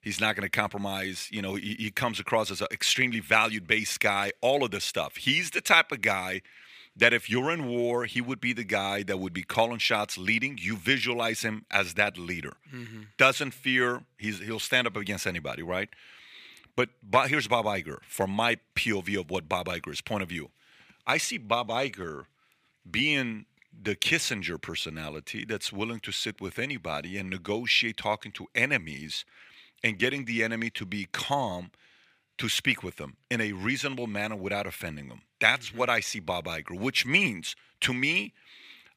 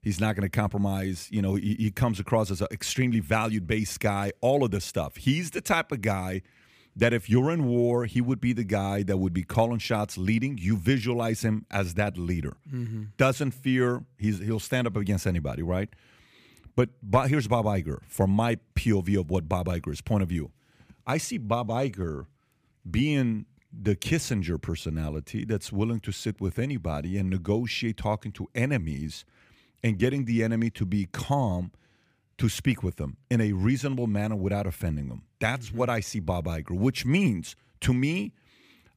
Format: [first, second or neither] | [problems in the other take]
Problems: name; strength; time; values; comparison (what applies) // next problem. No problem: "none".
second | thin; somewhat; fading below 500 Hz